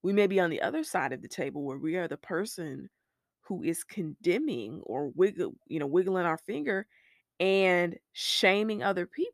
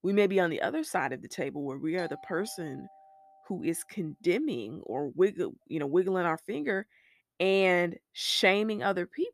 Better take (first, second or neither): first